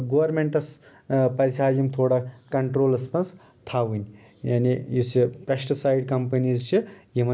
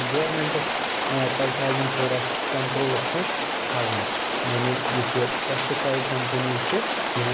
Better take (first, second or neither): first